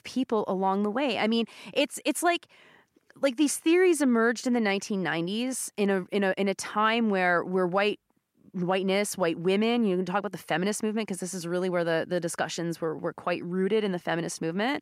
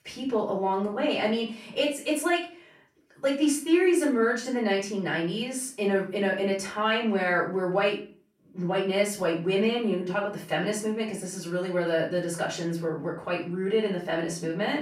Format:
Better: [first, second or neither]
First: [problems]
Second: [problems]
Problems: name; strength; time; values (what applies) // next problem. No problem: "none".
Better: first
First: none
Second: off-mic speech; far // room echo; slight; dies away in 0.3 s